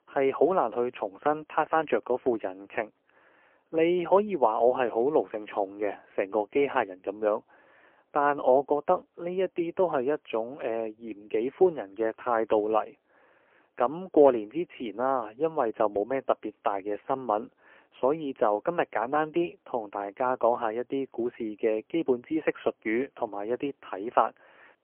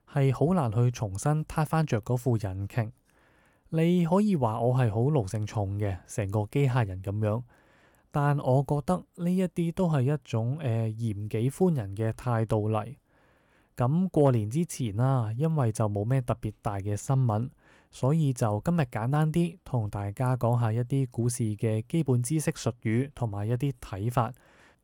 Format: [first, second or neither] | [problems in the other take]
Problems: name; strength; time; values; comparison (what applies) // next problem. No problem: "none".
second | phone-call audio; poor line; nothing above 3 kHz